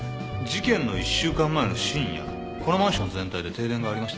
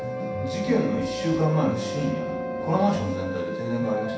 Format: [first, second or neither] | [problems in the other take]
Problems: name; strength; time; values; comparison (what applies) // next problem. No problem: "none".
first | background sound (Wind instrument, woodwind instrument); 6 dB below the speech // room echo; dies away in 0.7 s